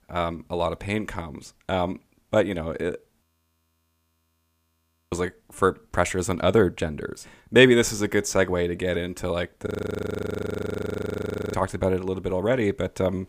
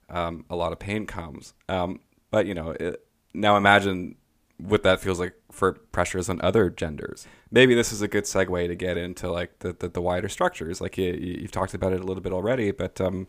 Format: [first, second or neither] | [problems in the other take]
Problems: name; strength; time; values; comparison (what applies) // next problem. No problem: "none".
second | audio freezing; at 3 s for 2 s and at 9.5 s for 2 s